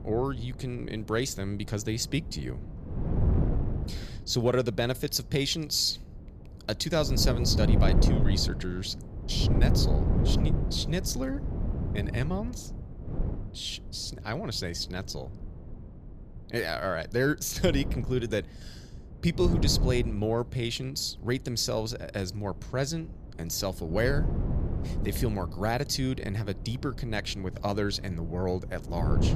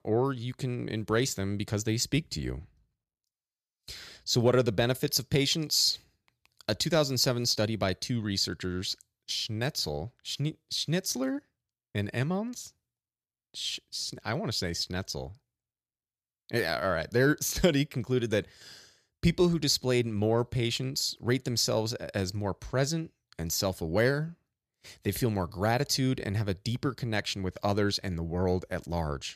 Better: second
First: wind noise on the microphone; heavy; 9 dB below the speech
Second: none

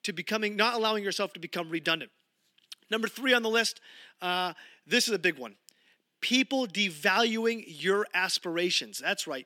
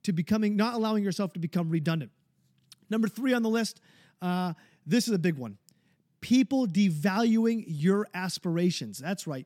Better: second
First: thin; somewhat; fading below 350 Hz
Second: none

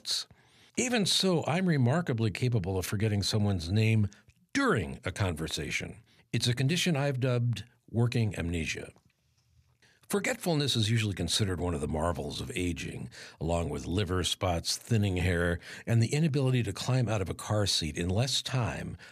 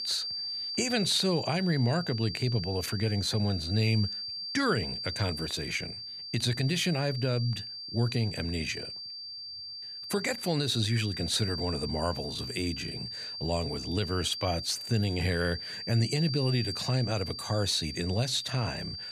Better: first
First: none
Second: high-pitched whine; loud; throughout; 4.5 kHz, 6 dB below the speech

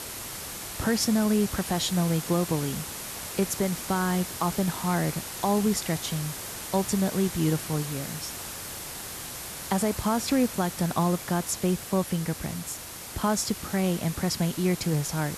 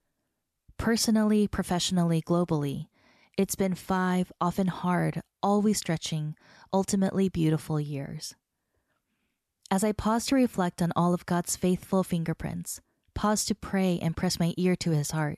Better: second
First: hiss; loud; throughout; 8 dB below the speech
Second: none

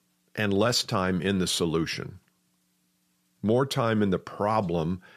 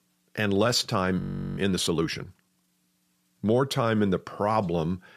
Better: first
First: none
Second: audio freezing; at 1 s

